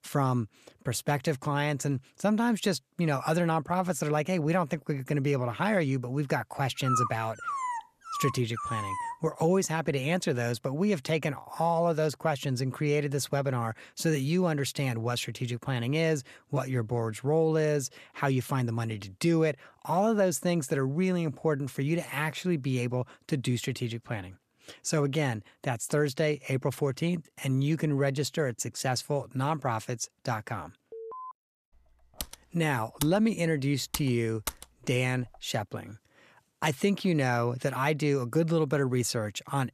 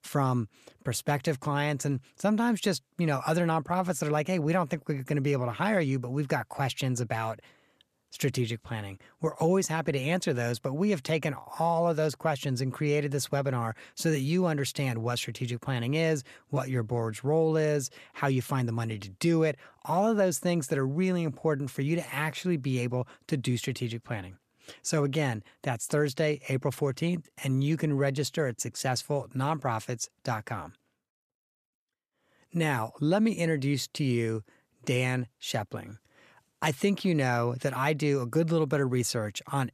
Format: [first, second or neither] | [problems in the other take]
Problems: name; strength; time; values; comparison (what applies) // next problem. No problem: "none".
second | dog barking; noticeable; from 7 to 9 s; peak level with the speech // alarm; faint; at 31 s; peak 10 dB below the speech // keyboard typing; noticeable; from 32 to 35 s; peak 8 dB below the speech